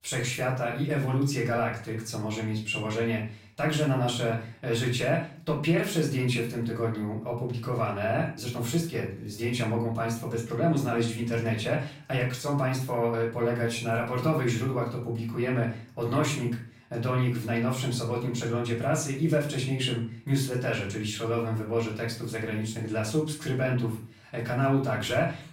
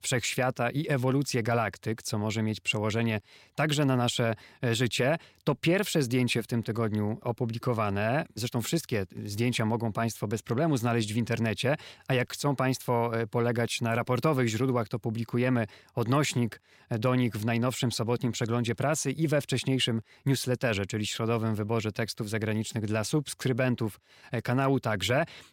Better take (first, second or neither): second